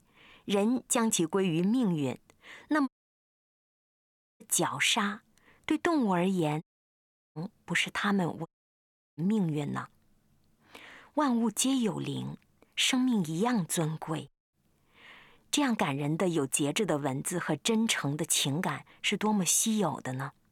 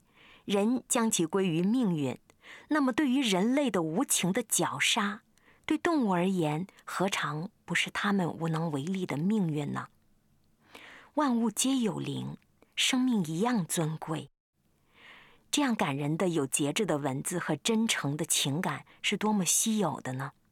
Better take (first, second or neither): second